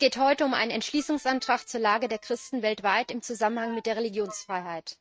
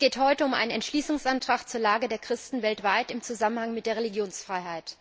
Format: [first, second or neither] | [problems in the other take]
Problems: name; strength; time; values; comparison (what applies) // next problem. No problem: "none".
second | noise reduction (neural mask model RNNoise)